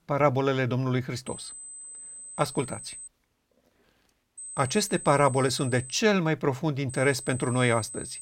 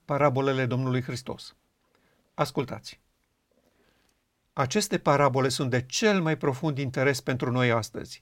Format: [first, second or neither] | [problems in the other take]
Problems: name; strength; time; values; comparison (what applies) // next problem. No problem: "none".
second | high-pitched whine; noticeable; from 1.5 to 3 s, from 4.5 to 6 s and from 7 s on; 8 kHz, 15 dB below the speech